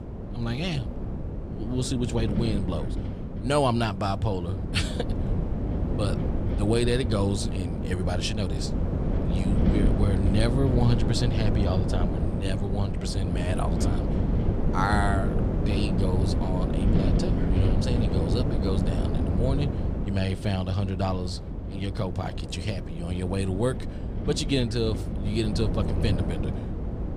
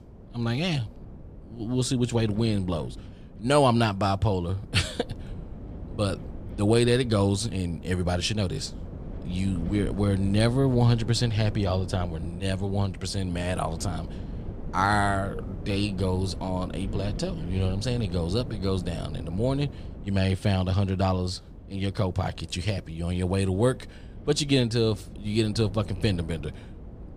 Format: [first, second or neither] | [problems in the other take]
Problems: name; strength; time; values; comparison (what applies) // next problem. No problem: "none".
second | wind noise on the microphone; heavy; 4 dB below the speech; occasional gusts in the second